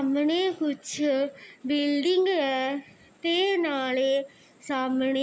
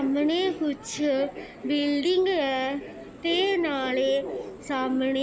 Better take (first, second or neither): first